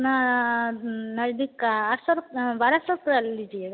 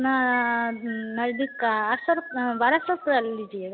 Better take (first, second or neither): first